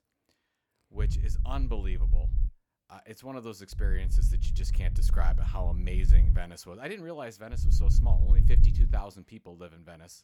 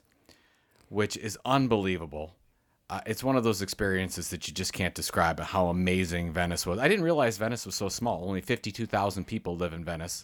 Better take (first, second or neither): second